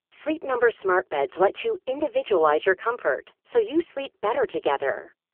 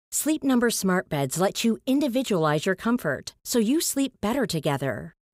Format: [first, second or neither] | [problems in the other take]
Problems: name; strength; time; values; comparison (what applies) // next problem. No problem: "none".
second | phone-call audio; poor line; nothing above 3.5 kHz